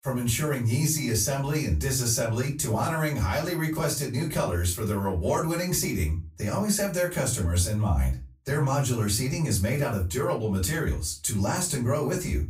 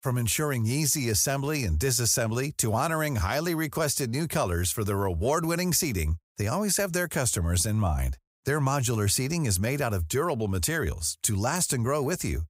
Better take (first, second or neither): second